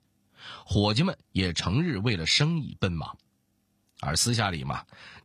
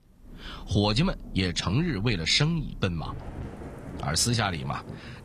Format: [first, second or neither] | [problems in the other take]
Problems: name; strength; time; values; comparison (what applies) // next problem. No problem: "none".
first | rain or running water; noticeable; throughout; 15 dB below the speech